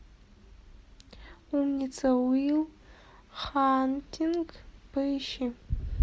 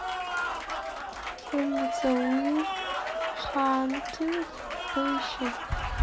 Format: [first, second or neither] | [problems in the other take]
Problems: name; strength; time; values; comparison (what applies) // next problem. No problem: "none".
first | background sound (Applause); 3 dB below the speech